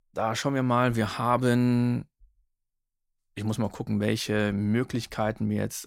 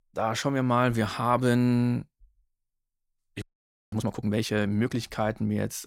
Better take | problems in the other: first | audio freezing; at 3.5 s for 0.5 s

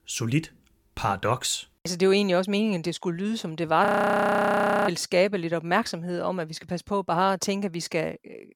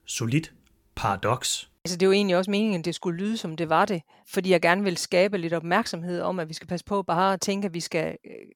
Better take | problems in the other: second | audio freezing; at 4 s for 1 s

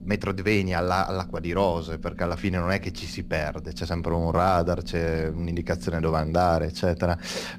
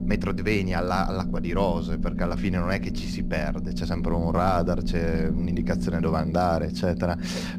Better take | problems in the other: first | low rumble; loud; throughout; 9 dB below the speech; faint in the first

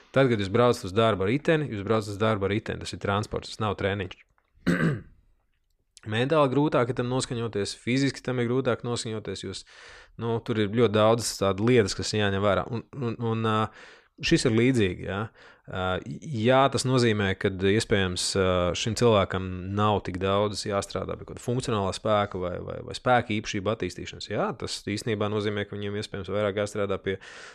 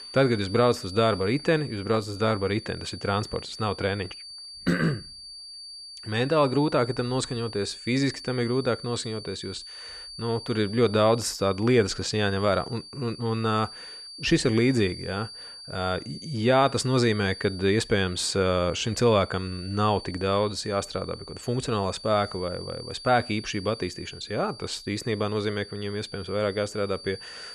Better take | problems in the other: first | high-pitched whine; noticeable; throughout; 4.5 kHz, 15 dB below the speech

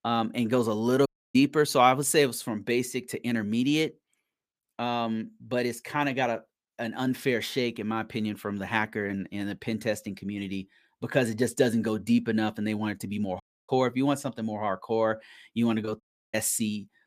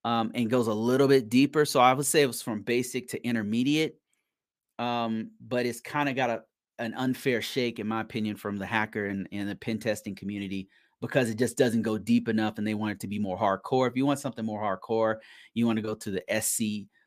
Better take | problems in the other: second | audio cutting out; at 1 s, at 13 s and at 16 s

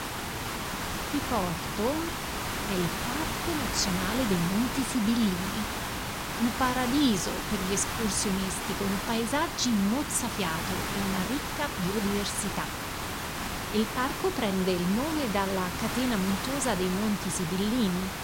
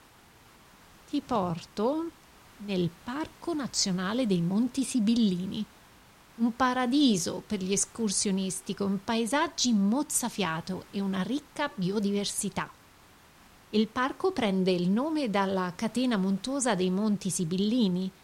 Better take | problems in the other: second | hiss; loud; throughout; 3 dB below the speech; faint in the second

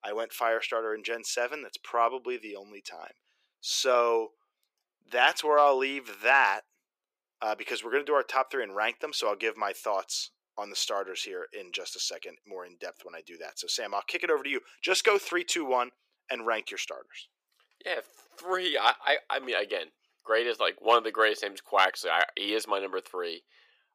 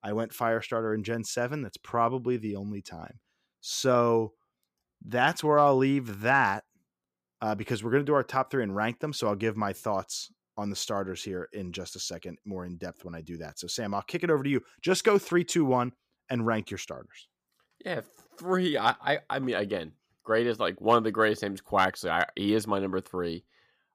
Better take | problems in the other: second | thin; very; fading below 400 Hz

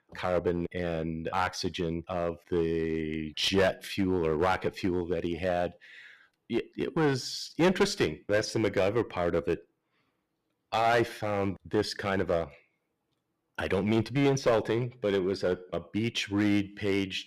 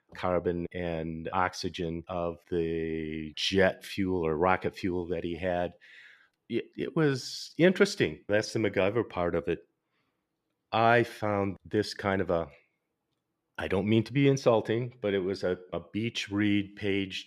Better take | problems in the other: second | distortion; heavy; 5% of the sound clipped

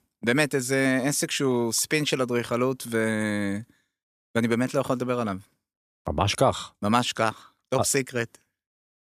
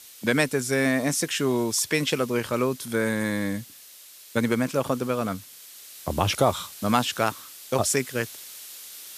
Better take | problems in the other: first | hiss; noticeable; throughout; 15 dB below the speech

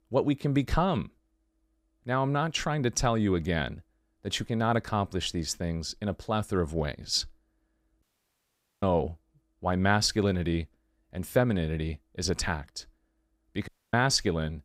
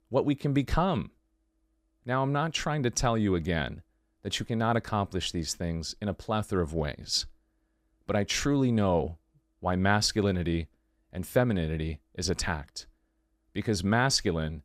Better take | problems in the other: second | audio cutting out; at 8 s for 1 s and at 14 s

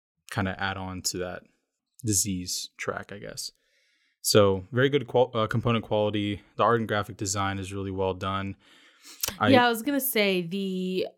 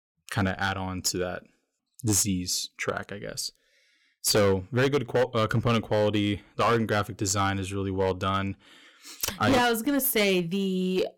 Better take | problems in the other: first | distortion; heavy; 7% of the sound clipped

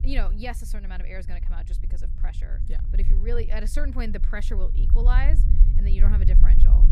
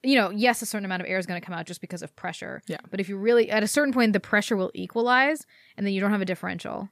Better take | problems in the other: second | low rumble; loud; throughout; 9 dB below the speech

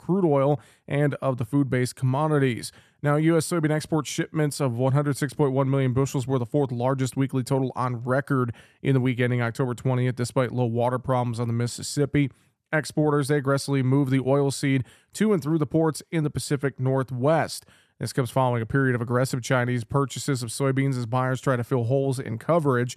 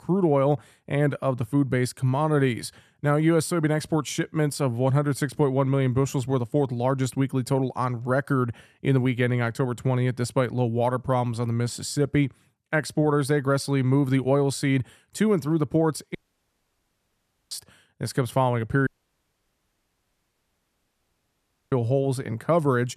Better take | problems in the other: first | audio cutting out; at 16 s for 1.5 s and at 19 s for 3 s

